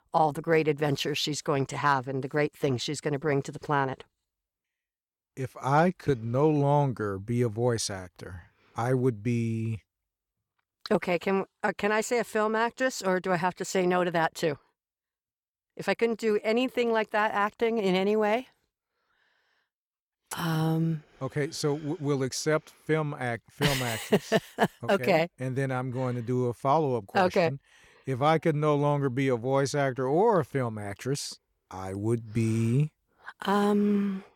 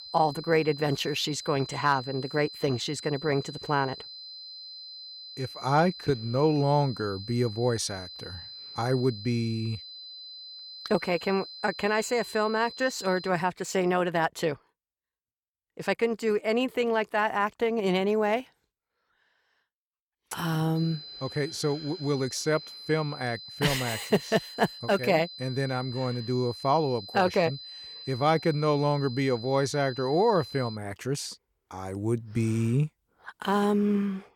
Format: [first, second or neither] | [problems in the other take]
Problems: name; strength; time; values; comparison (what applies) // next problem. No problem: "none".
first | high-pitched whine; noticeable; until 13 s and from 21 to 31 s; 4 kHz, 15 dB below the speech